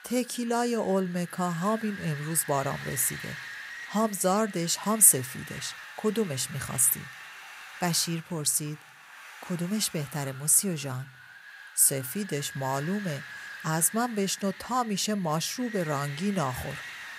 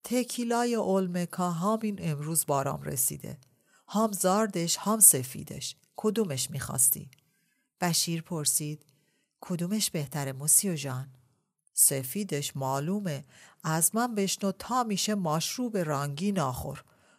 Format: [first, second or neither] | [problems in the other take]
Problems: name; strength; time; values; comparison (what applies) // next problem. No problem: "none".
second | wind noise on the microphone; occasional gusts; 10 dB below the speech